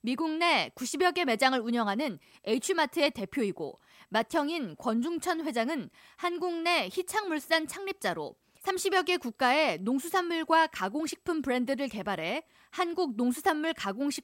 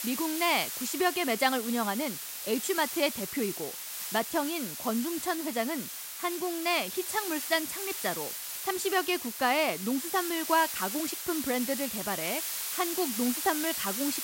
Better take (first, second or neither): first